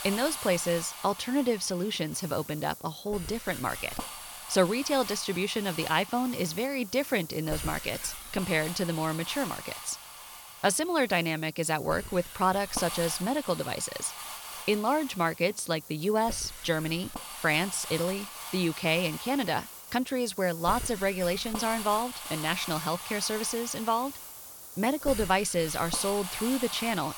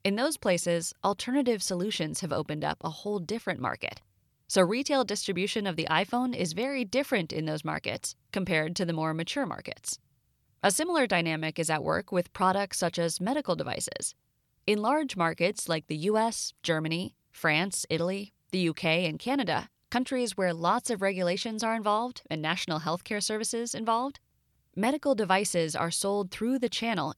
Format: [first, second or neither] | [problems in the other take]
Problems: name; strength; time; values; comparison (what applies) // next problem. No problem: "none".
second | hiss; loud; throughout; 9 dB below the speech